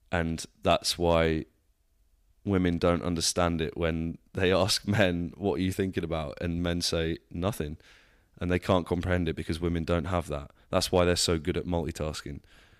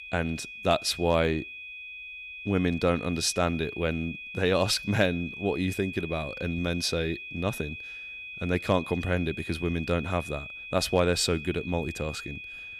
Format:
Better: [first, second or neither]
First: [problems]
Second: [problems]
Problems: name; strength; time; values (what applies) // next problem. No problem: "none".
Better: first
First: none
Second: high-pitched whine; loud; throughout; 2.5 kHz, 10 dB below the speech